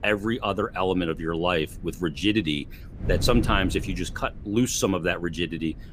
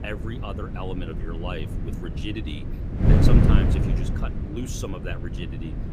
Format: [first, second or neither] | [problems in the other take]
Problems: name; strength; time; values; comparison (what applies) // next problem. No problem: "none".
first | wind noise on the microphone; heavy; 1 dB above the speech; occasional gusts in the first